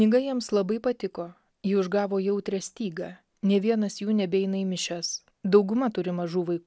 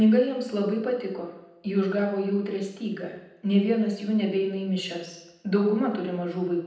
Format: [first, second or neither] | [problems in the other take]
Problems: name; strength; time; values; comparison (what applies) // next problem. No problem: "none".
first | room echo; dies away in 0.8 s